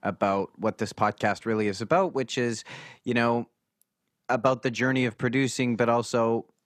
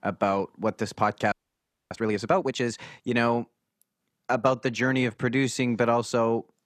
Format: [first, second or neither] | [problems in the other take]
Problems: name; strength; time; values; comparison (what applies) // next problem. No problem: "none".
first | audio freezing; at 1.5 s for 0.5 s